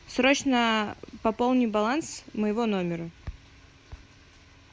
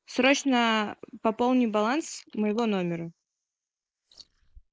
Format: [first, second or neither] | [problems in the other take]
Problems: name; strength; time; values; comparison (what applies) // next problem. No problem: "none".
first | noise reduction (neural mask model Resemble Enhance denoiser)